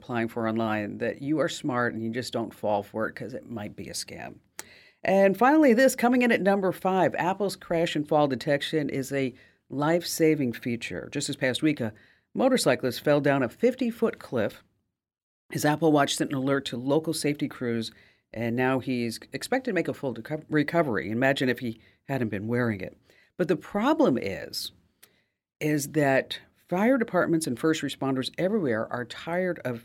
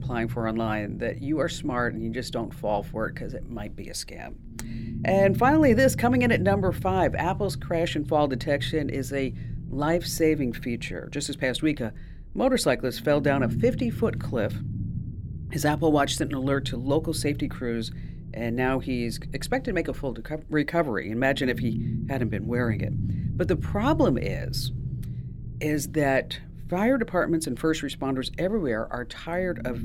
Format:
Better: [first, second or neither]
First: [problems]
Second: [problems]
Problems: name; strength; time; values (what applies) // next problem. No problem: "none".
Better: first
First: none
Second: low rumble; noticeable; throughout; 20 dB below the speech